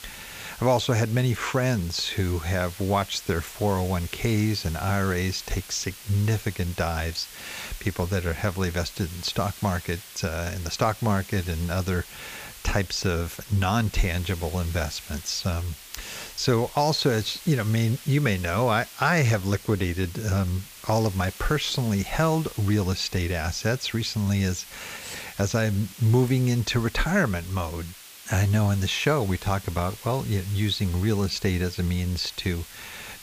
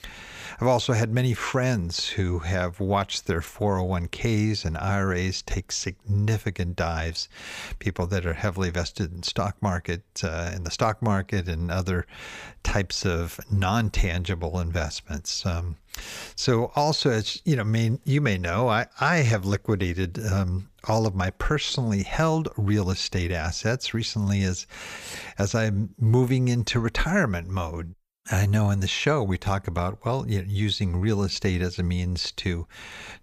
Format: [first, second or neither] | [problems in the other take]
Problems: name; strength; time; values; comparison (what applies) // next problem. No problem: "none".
second | hiss; noticeable; throughout; 15 dB below the speech